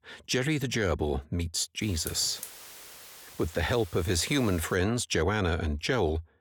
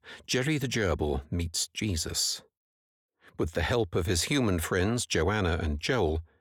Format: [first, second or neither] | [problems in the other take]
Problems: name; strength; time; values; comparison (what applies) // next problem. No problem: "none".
second | hiss; noticeable; from 2 to 5 s; 15 dB below the speech